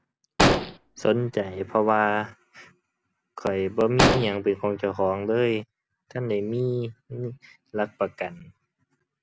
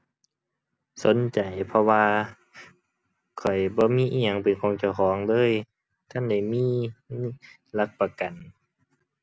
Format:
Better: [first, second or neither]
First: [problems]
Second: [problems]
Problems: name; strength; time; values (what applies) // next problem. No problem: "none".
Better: second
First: background sound (Explosion); 3 dB above the speech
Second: none